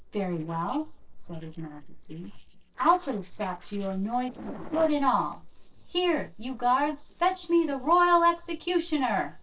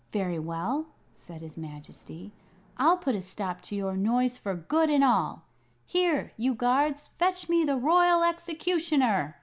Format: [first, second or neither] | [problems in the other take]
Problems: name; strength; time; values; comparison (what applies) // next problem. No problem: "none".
second | noise reduction (neural separator model SepFormer DNS4)